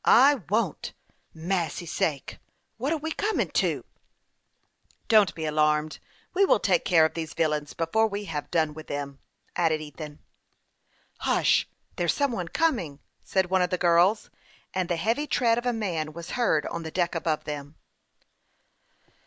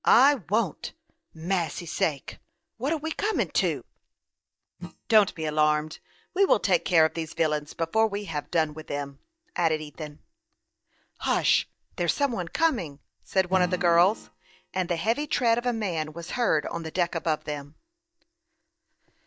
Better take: first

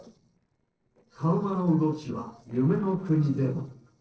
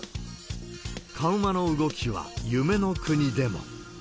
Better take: second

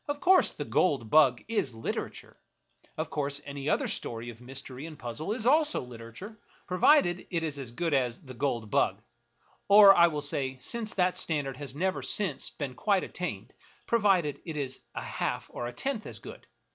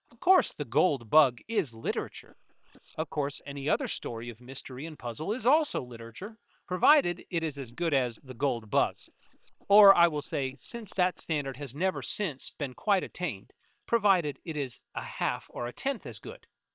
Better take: first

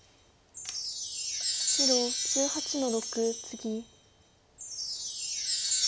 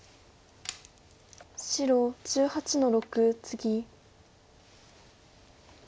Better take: second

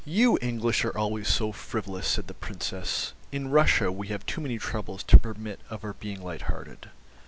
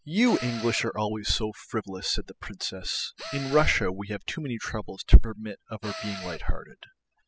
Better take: first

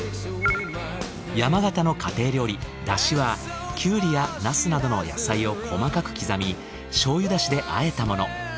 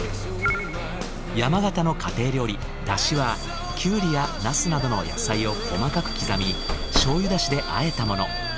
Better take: first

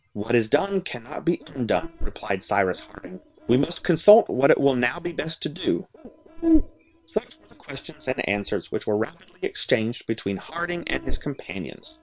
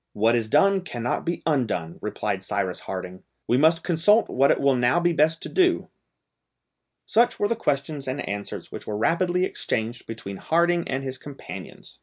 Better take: second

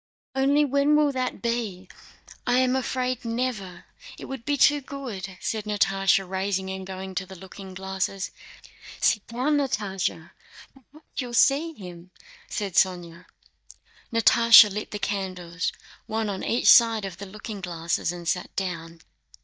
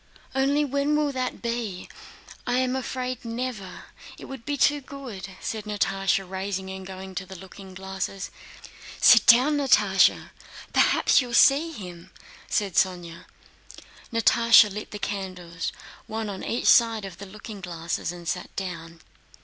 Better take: second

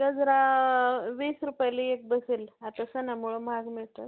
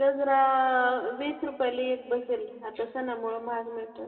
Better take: first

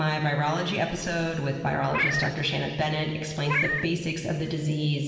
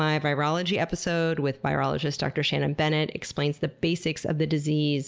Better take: second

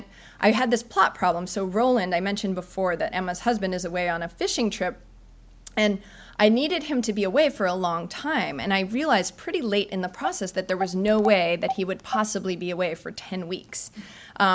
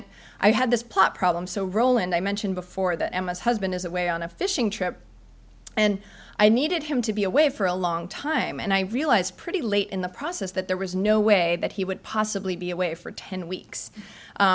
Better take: second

